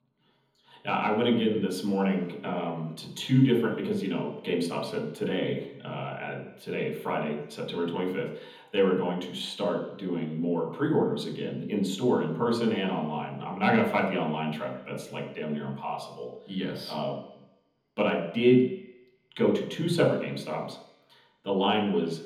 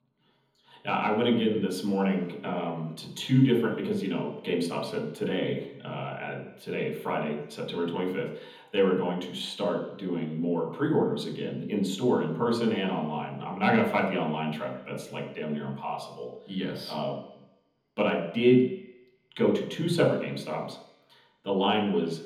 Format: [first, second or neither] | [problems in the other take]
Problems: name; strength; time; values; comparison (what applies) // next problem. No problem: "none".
neither | room echo; noticeable; dies away in 1 s; the same in both // off-mic speech; far; the same in both